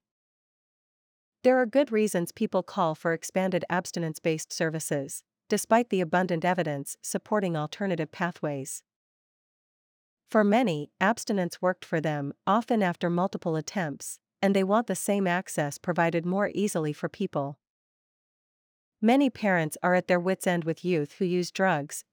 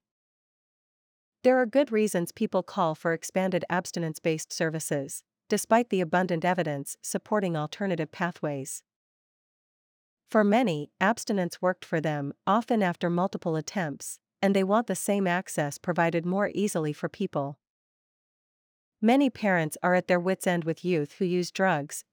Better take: neither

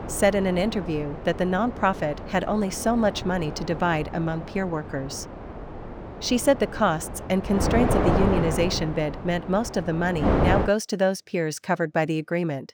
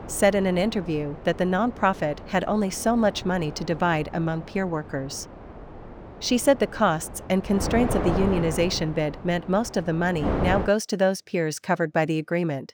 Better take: second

